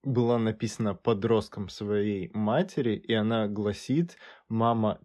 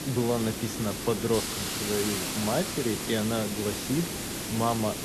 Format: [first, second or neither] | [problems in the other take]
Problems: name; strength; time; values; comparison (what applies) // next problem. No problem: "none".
first | hiss; loud; throughout; 2 dB below the speech